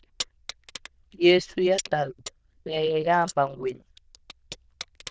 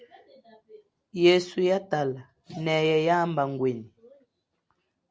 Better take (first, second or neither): second